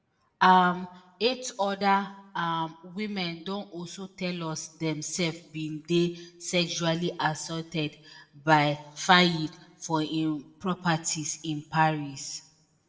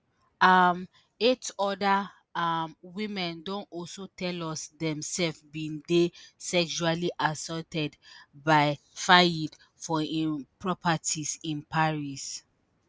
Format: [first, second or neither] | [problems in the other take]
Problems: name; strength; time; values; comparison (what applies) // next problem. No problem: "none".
second | room echo; dies away in 0.4 s